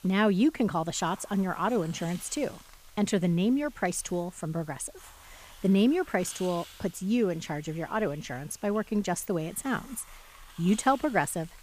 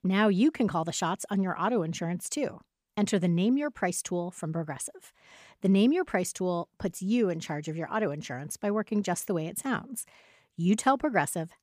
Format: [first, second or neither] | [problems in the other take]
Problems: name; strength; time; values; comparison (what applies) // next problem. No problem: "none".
second | hiss; faint; throughout; 20 dB below the speech